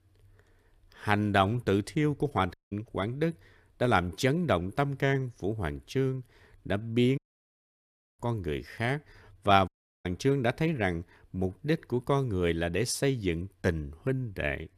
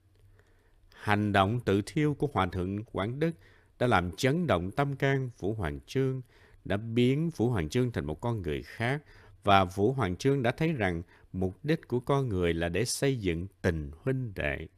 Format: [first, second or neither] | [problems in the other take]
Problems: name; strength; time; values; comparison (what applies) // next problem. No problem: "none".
second | audio cutting out; at 2.5 s, at 7 s for 1 s and at 9.5 s